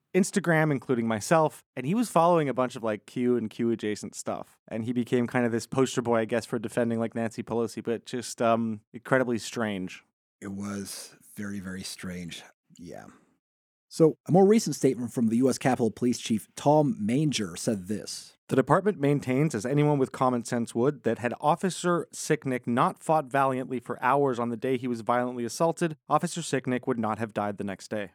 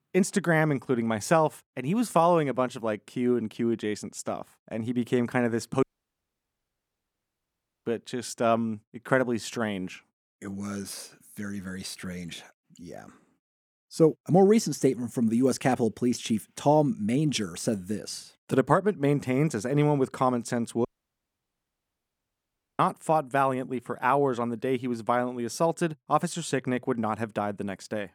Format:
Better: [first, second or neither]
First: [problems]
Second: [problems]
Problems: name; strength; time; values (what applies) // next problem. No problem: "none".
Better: first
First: none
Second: audio cutting out; at 6 s for 2 s and at 21 s for 2 s